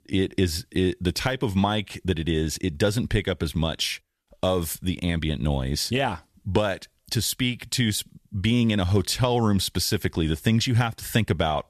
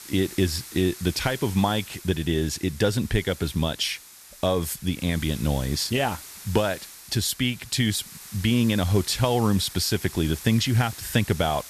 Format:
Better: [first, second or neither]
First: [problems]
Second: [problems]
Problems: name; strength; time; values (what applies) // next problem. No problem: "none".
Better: first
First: none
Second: hiss; noticeable; throughout; 15 dB below the speech